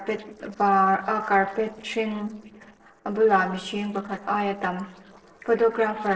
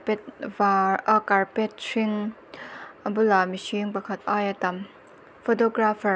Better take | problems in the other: second | noise reduction (neural separator model SepFormer DNS4)

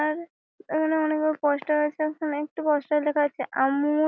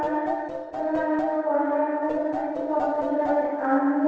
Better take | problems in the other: first | noise reduction (neural separator model SepFormer DNS4)

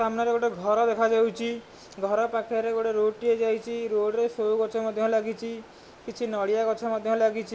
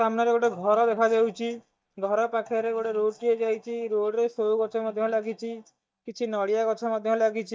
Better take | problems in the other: first | noise reduction (neural mask model DeepFilterNet 3)

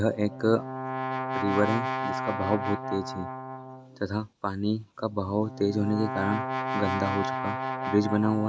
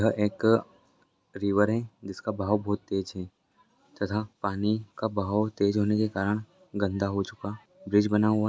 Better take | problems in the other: second | background sound (Brass instrument); 4 dB below the speech

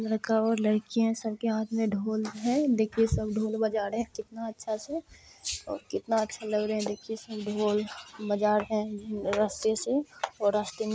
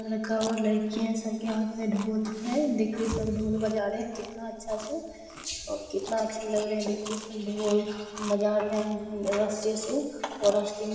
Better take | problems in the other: first | background sound (Chewing, mastication); 16 dB below the speech // room echo; dies away in 1.6 s

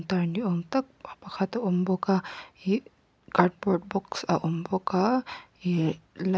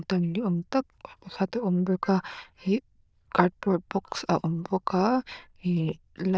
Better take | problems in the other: first | noise reduction (neural diffusion model UNIVERSE++)

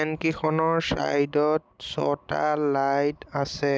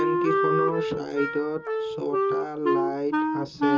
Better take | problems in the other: first | background sound (Wind instrument, woodwind instrument); 4 dB above the speech // room echo; dies away in 0.2 s

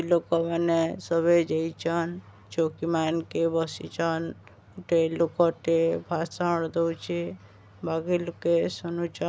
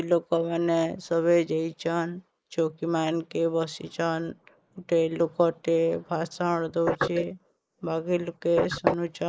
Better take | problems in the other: first | noise reduction (neural mask model Resemble Enhance denoiser)

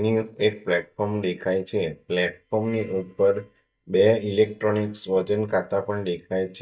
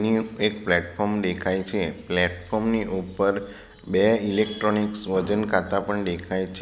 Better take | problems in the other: second | noise reduction (neural mask model DeepFilterNet 3)

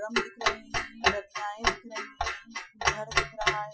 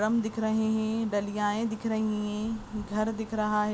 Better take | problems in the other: second | noise reduction (classical method Wiener filter)

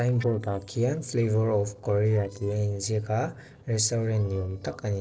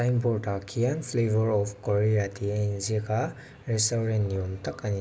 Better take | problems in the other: second | noise reduction (neural separator model SepFormer DNS4)

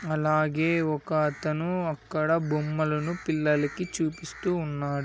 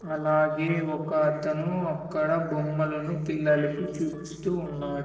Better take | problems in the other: first | noise reduction (neural separator model SepFormer DNS4)

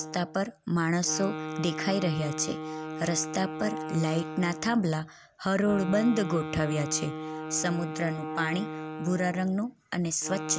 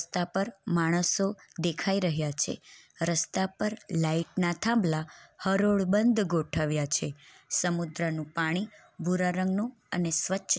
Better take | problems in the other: second | background sound (Wind instrument, woodwind instrument); 8 dB below the speech

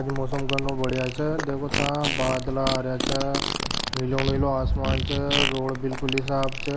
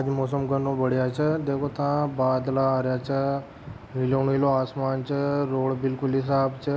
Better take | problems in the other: second | background sound (Fart + Writing); 1 dB below the speech

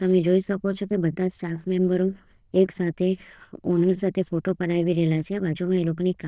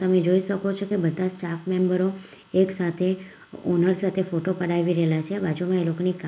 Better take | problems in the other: second | noise reduction (neural diffusion model UNIVERSE++)

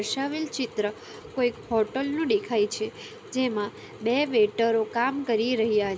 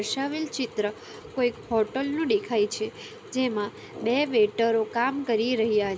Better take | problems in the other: first | background sound (Brass instrument); 19 dB below the speech

